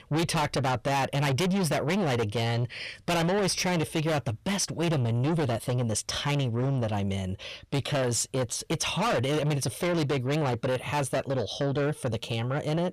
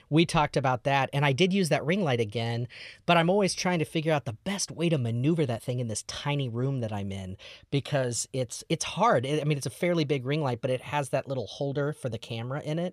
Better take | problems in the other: second | distortion; heavy; 6 dB below the speech

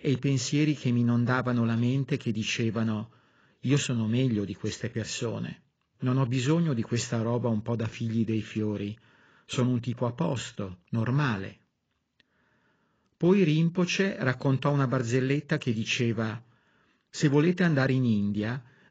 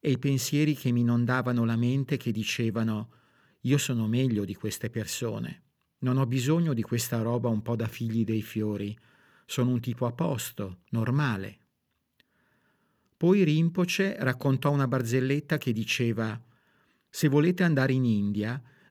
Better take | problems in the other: second | garbled, watery; badly; nothing above 7.5 kHz

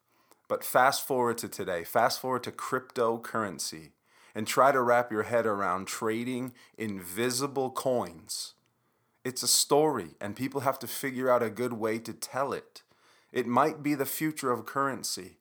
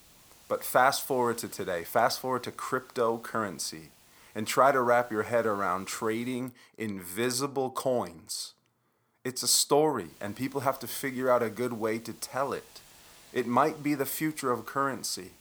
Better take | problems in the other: first | hiss; faint; until 6.5 s and from 10 s on; 25 dB below the speech

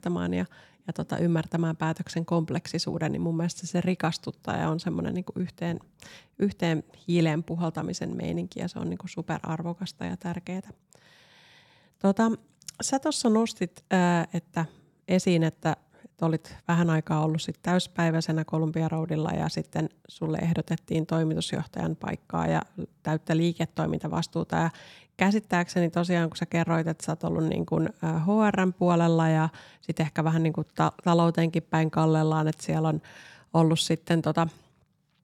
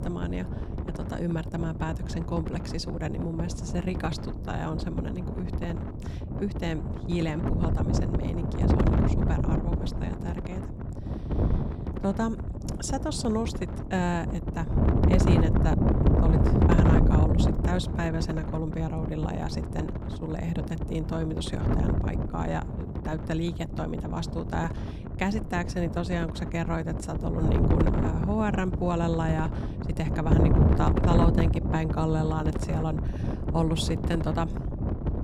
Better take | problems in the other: first | wind noise on the microphone; heavy; 2 dB below the speech

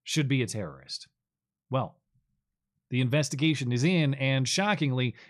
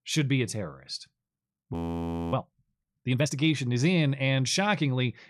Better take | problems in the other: first | audio freezing; at 1.5 s for 0.5 s

